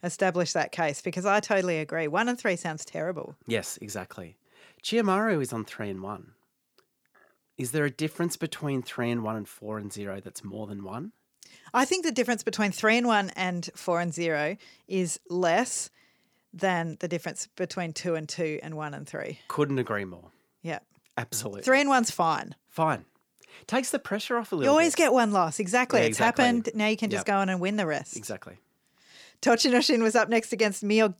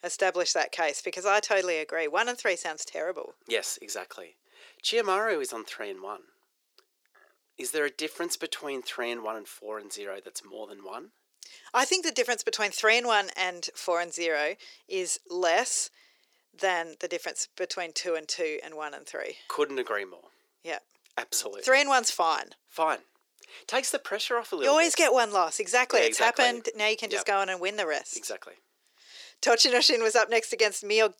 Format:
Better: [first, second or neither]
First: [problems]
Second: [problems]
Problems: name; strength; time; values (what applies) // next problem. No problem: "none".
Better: first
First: none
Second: thin; very; fading below 400 Hz